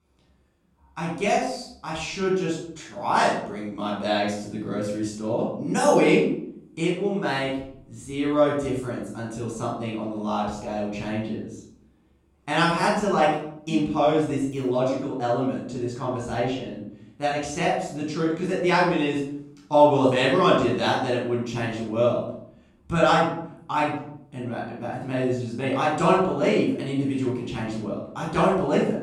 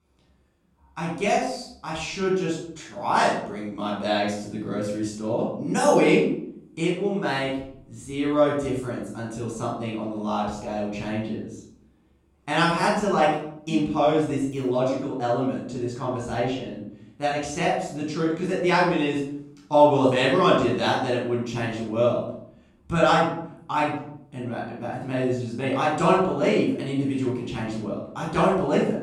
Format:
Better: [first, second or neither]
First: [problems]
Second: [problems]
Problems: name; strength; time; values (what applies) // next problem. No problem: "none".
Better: neither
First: off-mic speech; far // room echo; noticeable; dies away in 0.6 s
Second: off-mic speech; far // room echo; noticeable; dies away in 0.6 s